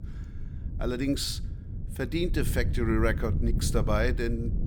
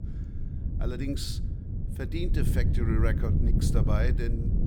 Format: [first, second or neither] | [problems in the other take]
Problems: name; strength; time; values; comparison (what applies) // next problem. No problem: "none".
first | wind noise on the microphone; heavy; 5 dB below the speech; occasional gusts in the first